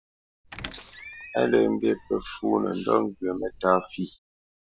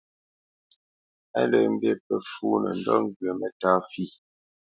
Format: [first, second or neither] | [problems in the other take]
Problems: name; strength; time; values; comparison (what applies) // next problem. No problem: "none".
second | background sound (Squeak); 18 dB below the speech